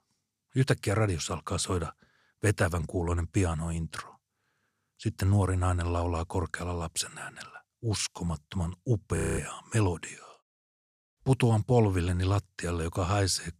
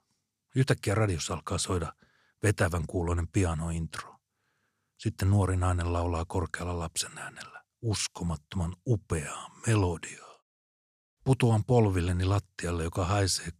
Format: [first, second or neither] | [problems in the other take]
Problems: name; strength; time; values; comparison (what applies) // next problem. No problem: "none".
second | audio freezing; at 9 s